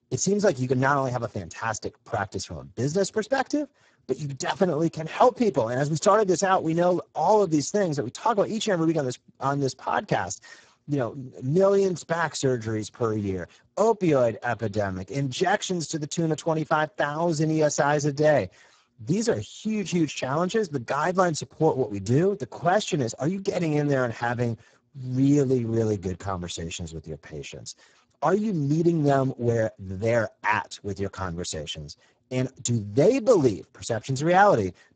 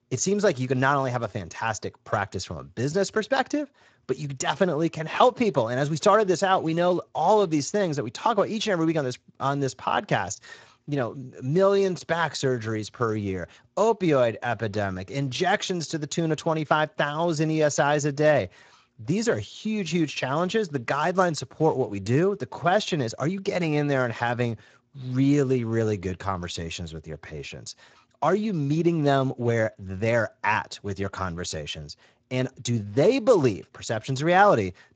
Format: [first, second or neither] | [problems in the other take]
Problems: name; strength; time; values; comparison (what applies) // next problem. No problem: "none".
second | garbled, watery; badly; nothing above 7.5 kHz; slightly in the second